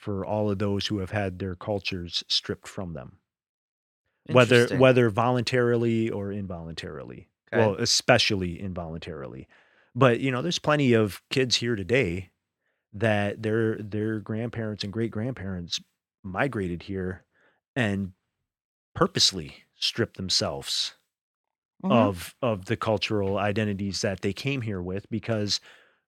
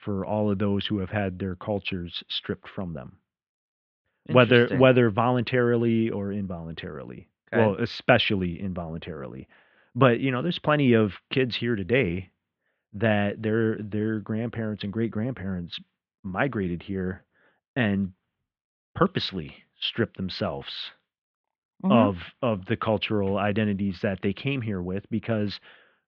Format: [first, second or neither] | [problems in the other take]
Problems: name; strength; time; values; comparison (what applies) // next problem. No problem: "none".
first | muffled; very; fading above 3.5 kHz